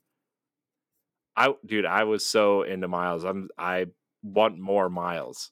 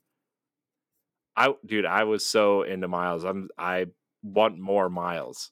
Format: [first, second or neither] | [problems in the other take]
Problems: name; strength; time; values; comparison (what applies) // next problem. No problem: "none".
neither | none